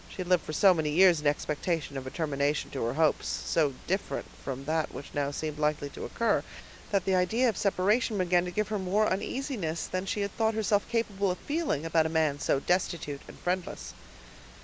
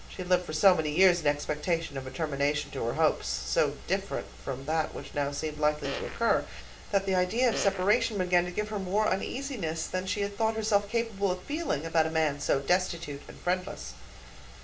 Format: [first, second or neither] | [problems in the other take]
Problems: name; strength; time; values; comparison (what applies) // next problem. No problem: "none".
first | background sound (Fart); 12 dB below the speech // room echo; dies away in 0.4 s